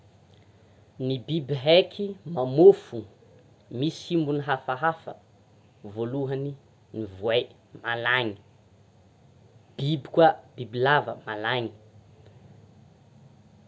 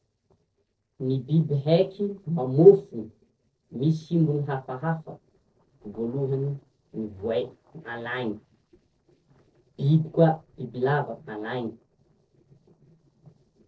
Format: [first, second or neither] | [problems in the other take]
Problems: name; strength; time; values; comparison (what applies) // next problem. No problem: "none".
first | noise reduction (neural separator model SepFormer DNS4)